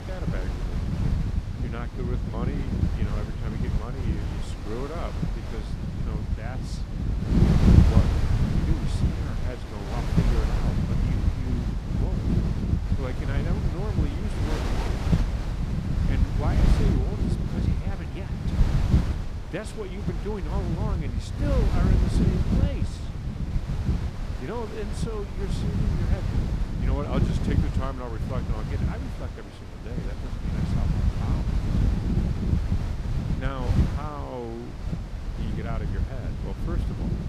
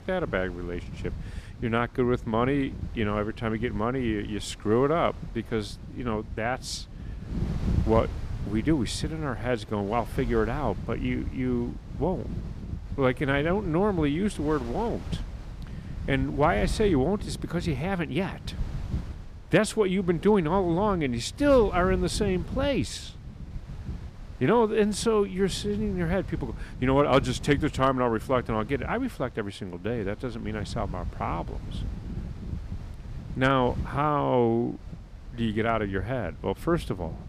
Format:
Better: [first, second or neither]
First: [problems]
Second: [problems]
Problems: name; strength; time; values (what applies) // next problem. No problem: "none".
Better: second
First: wind noise on the microphone; heavy; 2 dB above the speech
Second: wind noise on the microphone; occasional gusts; 20 dB below the speech